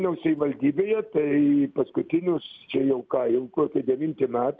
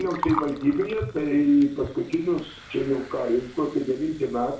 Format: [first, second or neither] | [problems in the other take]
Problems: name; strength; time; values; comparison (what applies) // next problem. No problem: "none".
first | background sound (Gurgling); 13 dB below the speech // room echo; dies away in 0.4 s